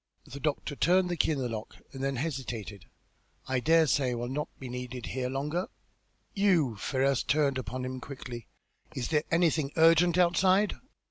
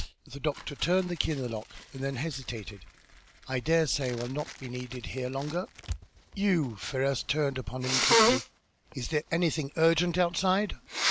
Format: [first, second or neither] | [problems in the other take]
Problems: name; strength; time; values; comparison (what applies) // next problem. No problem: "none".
first | background sound (Sneeze); 4 dB below the speech